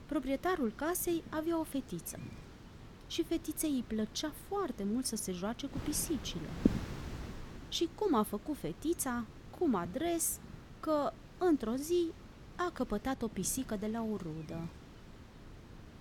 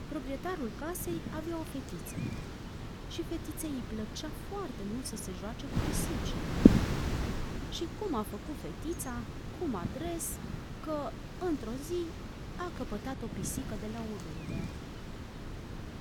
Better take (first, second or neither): first